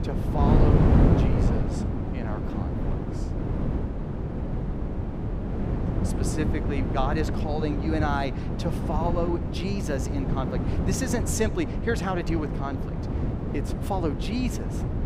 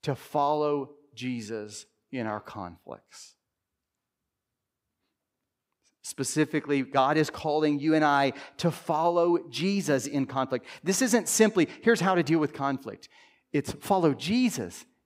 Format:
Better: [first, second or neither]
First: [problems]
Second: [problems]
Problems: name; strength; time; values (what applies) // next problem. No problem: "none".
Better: second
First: wind noise on the microphone; heavy; 3 dB below the speech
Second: none